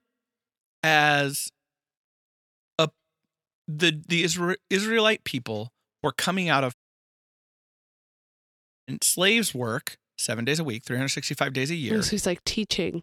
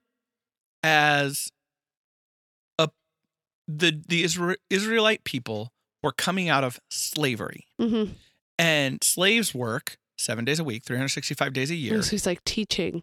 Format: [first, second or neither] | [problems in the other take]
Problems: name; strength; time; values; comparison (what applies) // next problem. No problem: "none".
second | audio cutting out; at 6.5 s for 2 s